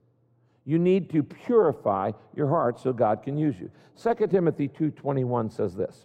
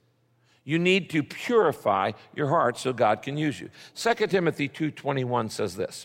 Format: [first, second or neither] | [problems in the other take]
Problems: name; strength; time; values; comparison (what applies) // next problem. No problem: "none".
second | muffled; very; fading above 1 kHz